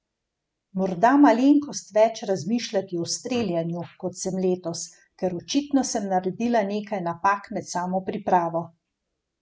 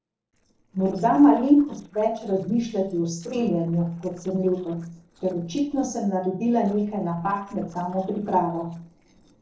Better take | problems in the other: first | noise reduction (neural separator model SepFormer DNS4)

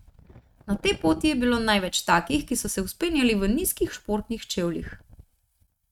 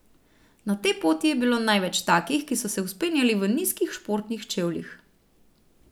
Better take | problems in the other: second | noise reduction (neural mask model RNNoise)

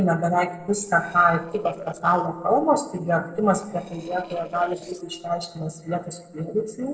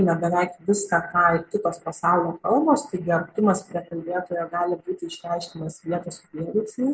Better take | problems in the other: second | noise reduction (neural separator model SepFormer DNS4)

